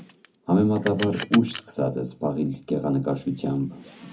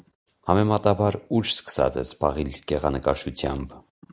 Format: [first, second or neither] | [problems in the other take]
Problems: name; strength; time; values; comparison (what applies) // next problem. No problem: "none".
second | background sound (Car); 14 dB below the speech // room echo; dies away in 0.3 s